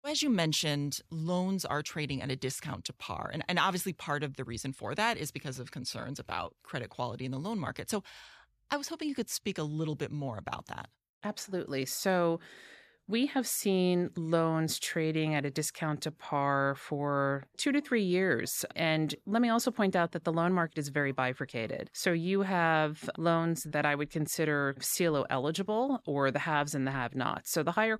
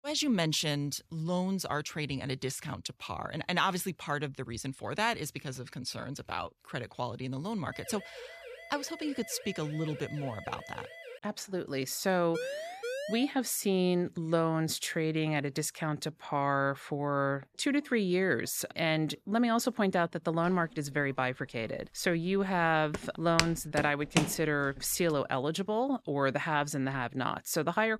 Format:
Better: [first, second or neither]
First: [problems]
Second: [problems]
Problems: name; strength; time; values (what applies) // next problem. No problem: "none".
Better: first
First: none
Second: siren; faint; from 7.5 to 11 s; peak 15 dB below the speech // siren; noticeable; at 12 s; peak 5 dB below the speech // footsteps; loud; from 23 to 24 s; peak 1 dB above the speech